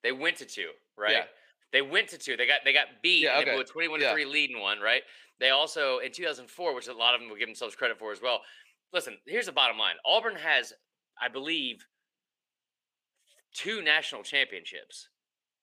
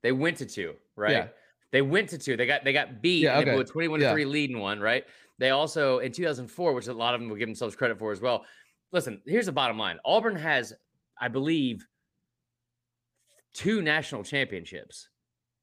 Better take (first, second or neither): second